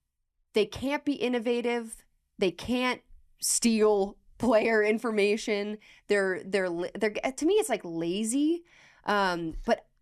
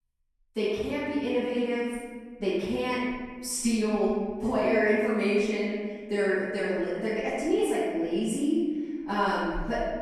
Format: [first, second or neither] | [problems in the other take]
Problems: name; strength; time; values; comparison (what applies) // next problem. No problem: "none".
first | off-mic speech; far // room echo; strong; dies away in 1.5 s